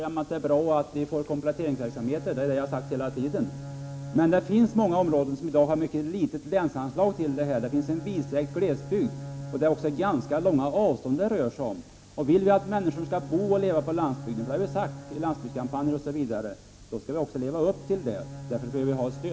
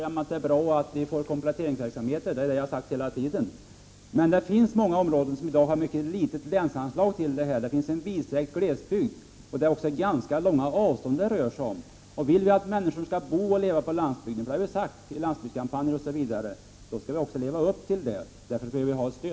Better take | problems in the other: second | background sound (Bowed string instrument); 14 dB below the speech

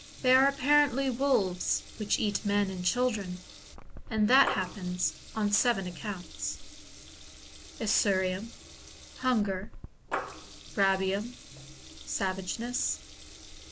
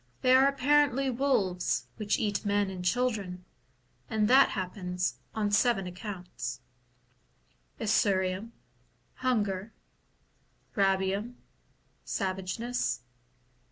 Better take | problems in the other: second | background sound (Water tap, faucet / Liquid); 13 dB below the speech

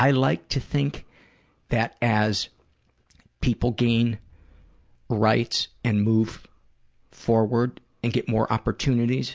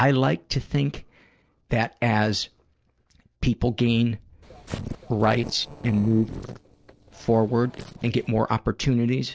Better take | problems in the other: first | noise reduction (neural separator model SepFormer DNS4)

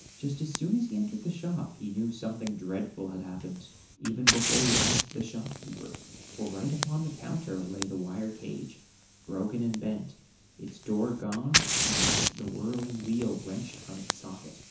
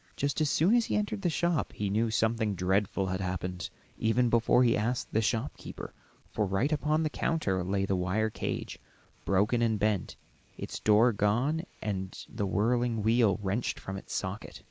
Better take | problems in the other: second | background sound (Fire); as loud as the speech // room echo; dies away in 0.9 s

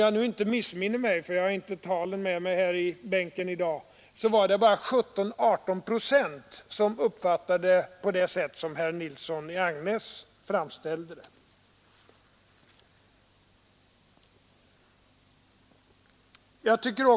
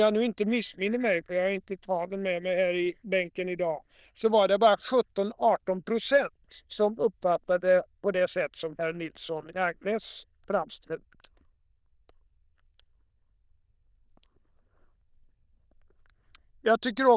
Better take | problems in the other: first | noise reduction (neural diffusion model UNIVERSE++)

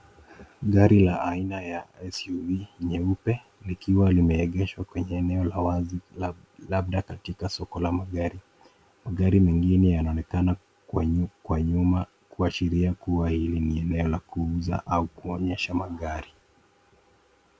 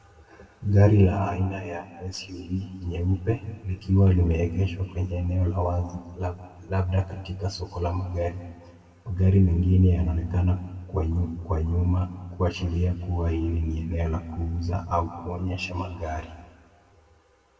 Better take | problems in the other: first | room echo; dies away in 1.5 s

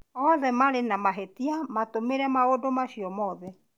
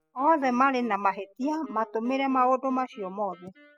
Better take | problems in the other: first | noise reduction (classical method spectral subtraction)

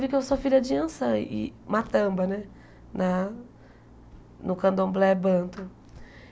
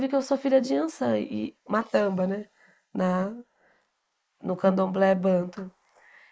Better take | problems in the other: first | noise reduction (neural mask model Resemble Enhance denoiser)

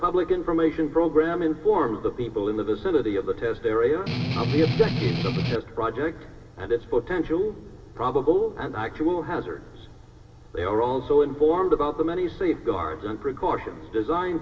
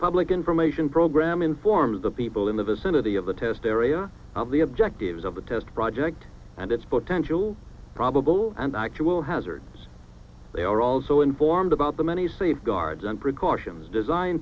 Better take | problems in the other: second | background sound (Strum); 1 dB below the speech // room echo; dies away in 2 s

